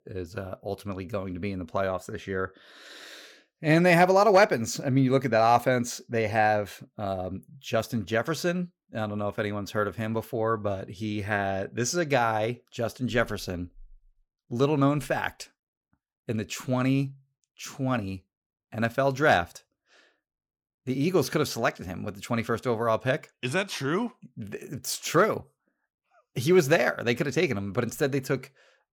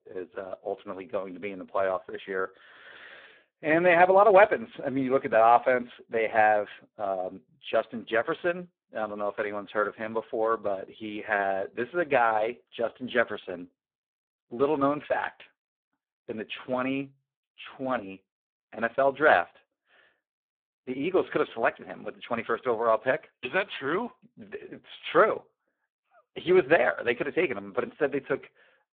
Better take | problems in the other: first | phone-call audio; poor line

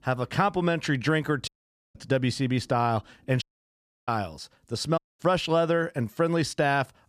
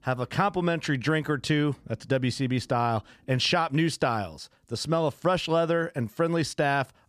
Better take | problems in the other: second | audio cutting out; at 1.5 s, at 3.5 s for 0.5 s and at 5 s

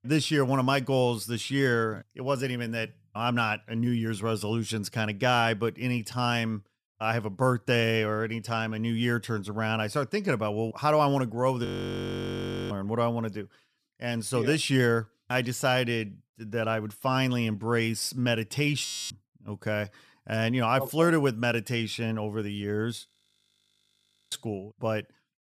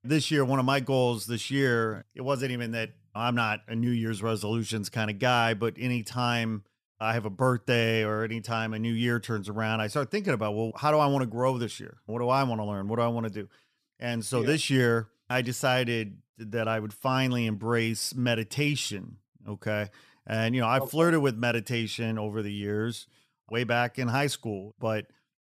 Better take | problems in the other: second | audio freezing; at 12 s for 1 s, at 19 s and at 23 s for 1.5 s

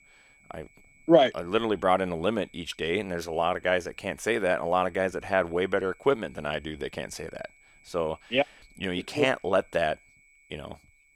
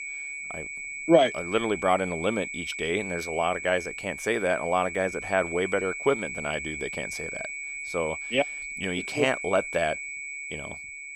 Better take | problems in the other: first | high-pitched whine; loud; throughout; 2 kHz, 6 dB below the speech; faint in the first

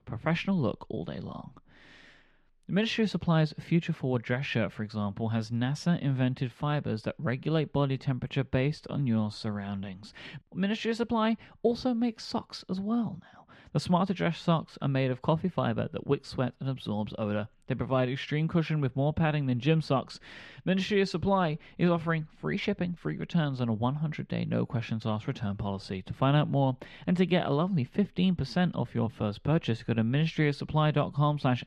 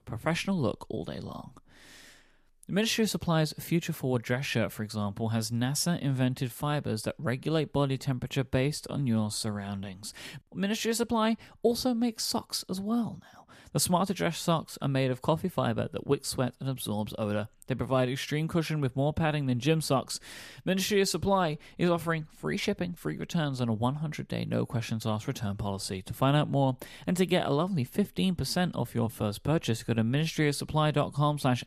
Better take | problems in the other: second | muffled; slightly; fading above 3 kHz

